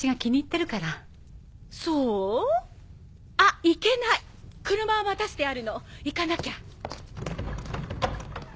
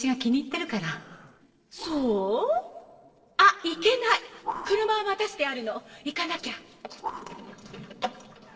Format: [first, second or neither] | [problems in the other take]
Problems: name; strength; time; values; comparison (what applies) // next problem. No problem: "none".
first | noise reduction (neural separator model SepFormer DNS4)